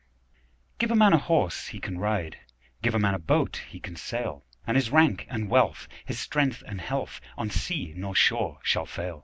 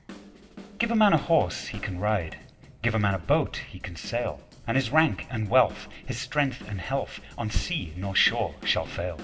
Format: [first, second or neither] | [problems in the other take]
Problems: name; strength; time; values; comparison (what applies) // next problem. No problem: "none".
first | background sound (Drum / Drum kit); 19 dB below the speech // room echo; dies away in 1 s